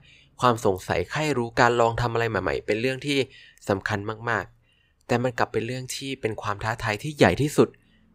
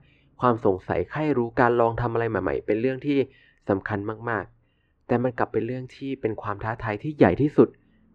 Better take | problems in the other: first | muffled; very; fading above 1.5 kHz

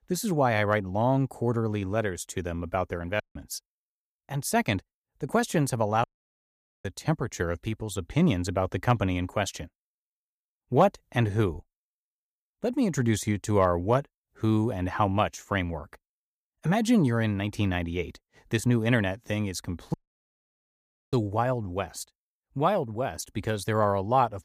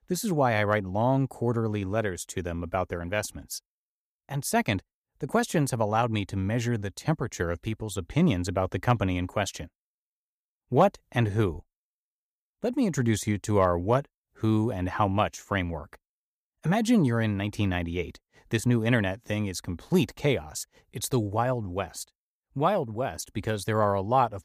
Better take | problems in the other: second | audio cutting out; at 3 s, at 6 s for 1 s and at 20 s for 1 s

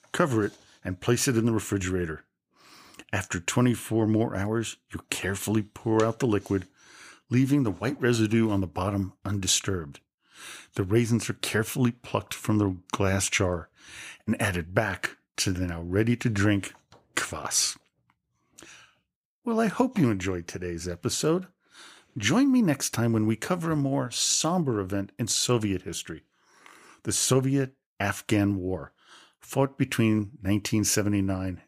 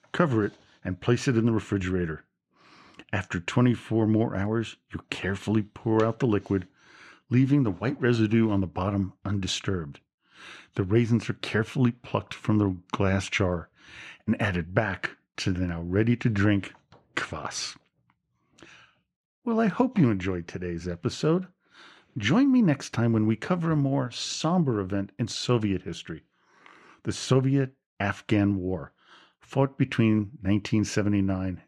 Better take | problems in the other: first | muffled; slightly; fading above 3.5 kHz

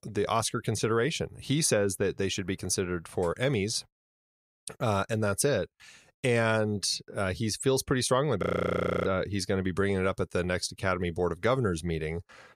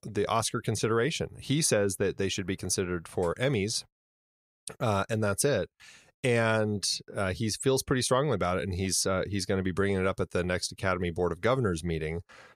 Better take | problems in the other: second | audio freezing; at 8.5 s for 0.5 s

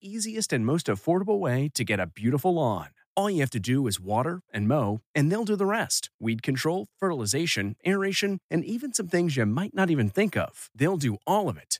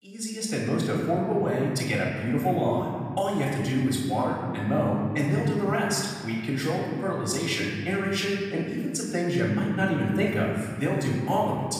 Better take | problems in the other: first | off-mic speech; far // room echo; noticeable; dies away in 1.9 s

